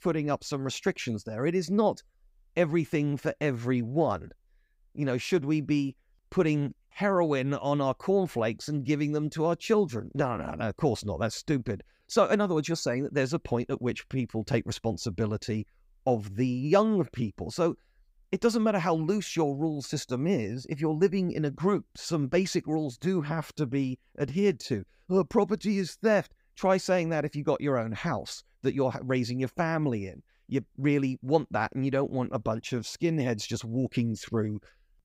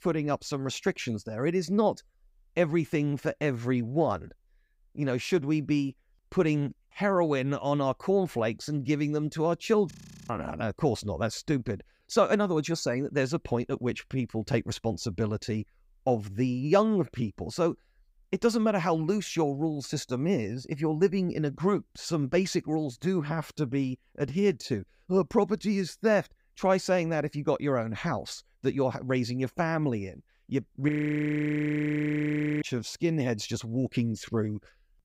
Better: first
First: none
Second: audio freezing; at 10 s and at 31 s for 1.5 s

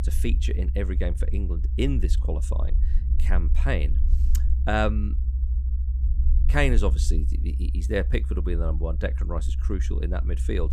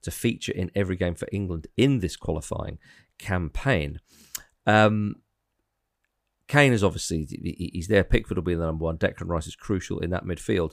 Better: second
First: low rumble; noticeable; throughout; 15 dB below the speech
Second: none

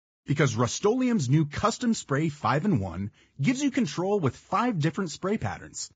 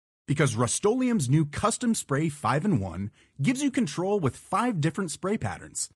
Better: second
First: garbled, watery; badly; nothing above 7.5 kHz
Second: garbled, watery; slightly; nothing above 10.5 kHz

